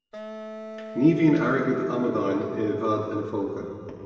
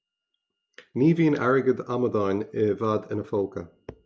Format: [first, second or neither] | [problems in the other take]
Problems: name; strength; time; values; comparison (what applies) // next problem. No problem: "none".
second | background sound (Wind instrument, woodwind instrument); 14 dB below the speech // room echo; dies away in 2.2 s